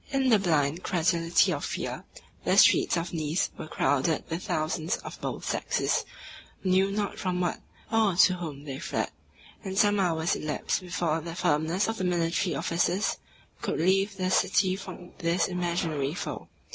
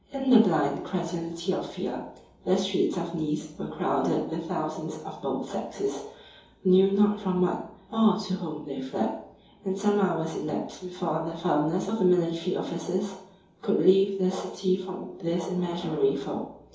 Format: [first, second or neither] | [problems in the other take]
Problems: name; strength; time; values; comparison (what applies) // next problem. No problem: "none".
first | room echo; dies away in 2.8 s